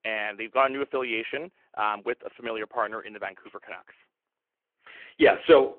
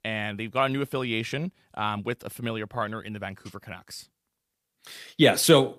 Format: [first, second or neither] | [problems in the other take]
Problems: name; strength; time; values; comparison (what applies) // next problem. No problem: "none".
second | phone-call audio